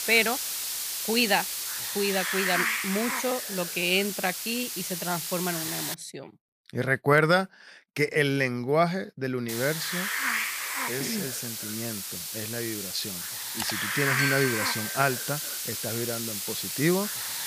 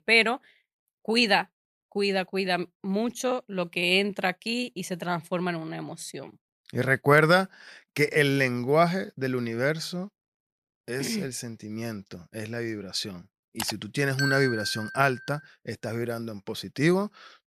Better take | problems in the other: second | hiss; loud; until 6 s and from 9.5 s on; 2 dB below the speech

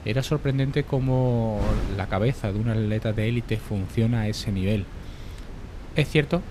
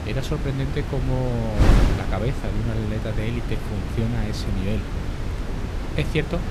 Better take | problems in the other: first | wind noise on the microphone; heavy; 2 dB below the speech; occasional gusts in the first

